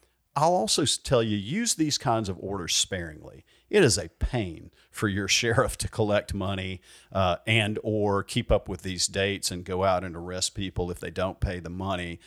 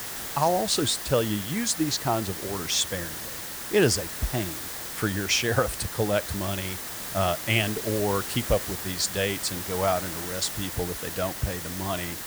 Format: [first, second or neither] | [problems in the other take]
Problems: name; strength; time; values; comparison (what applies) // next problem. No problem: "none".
first | hiss; loud; throughout; 5 dB below the speech